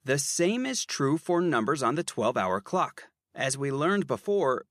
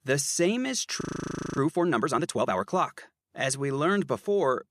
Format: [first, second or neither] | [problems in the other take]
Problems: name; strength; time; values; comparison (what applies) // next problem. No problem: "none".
first | audio freezing; at 1 s for 0.5 s